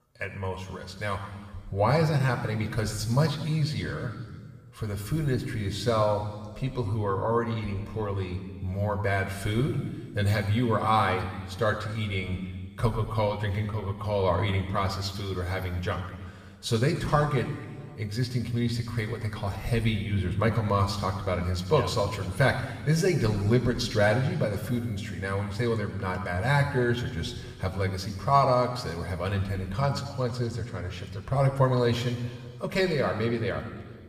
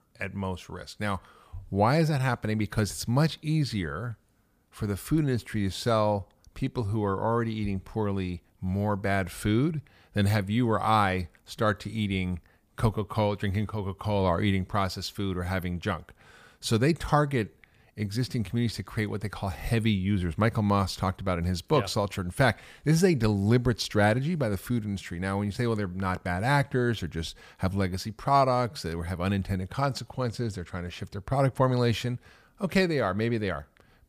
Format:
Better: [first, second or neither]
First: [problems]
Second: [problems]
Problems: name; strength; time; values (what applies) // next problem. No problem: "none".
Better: second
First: room echo; noticeable; dies away in 1.8 s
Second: none